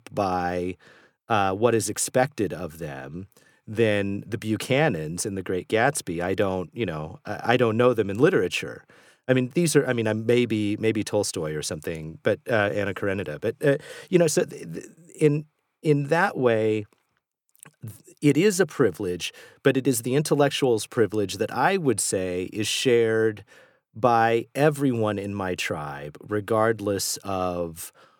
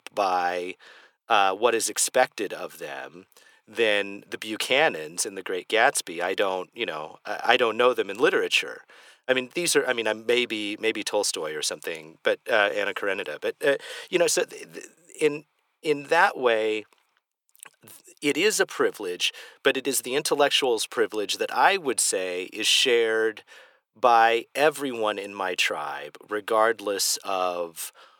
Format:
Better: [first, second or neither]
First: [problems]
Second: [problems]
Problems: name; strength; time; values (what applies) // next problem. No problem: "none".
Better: first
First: none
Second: thin; somewhat; fading below 500 Hz